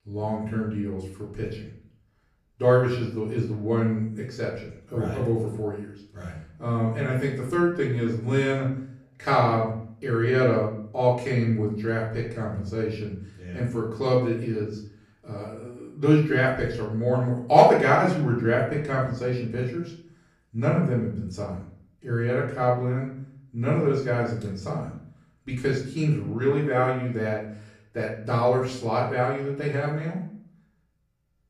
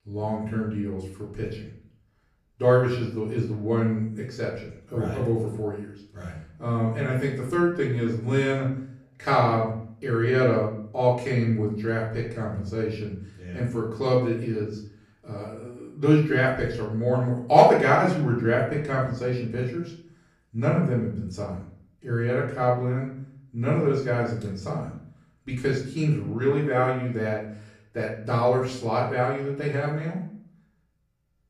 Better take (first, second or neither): neither